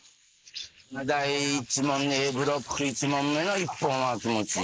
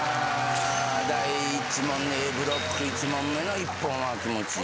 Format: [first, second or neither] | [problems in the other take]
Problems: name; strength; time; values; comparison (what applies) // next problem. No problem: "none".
second | noise reduction (neural mask model Resemble Enhance denoiser)